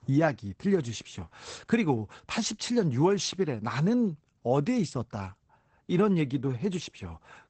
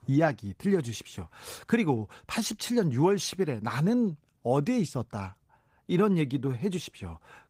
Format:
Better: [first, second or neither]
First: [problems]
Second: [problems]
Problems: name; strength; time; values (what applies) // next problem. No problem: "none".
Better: second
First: garbled, watery; badly; nothing above 8 kHz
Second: garbled, watery; slightly; nothing above 15.5 kHz